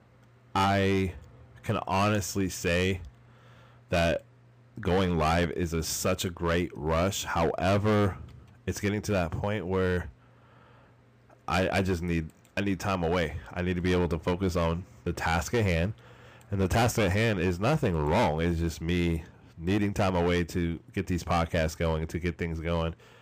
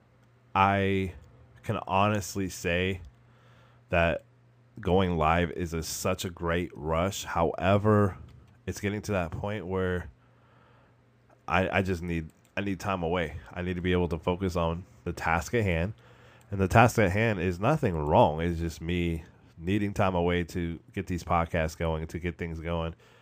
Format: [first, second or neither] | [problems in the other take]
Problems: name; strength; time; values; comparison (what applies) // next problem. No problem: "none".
second | distortion; heavy; 9% of the sound clipped